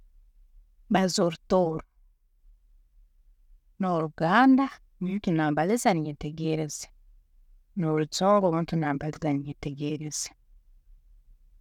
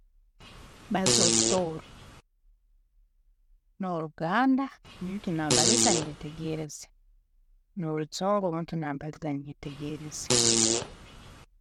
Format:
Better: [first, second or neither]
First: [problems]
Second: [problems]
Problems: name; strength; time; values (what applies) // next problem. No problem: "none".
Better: first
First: none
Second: background sound (Fart); 4 dB above the speech